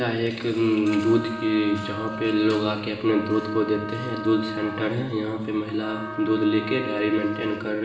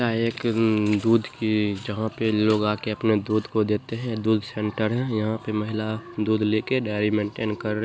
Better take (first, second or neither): second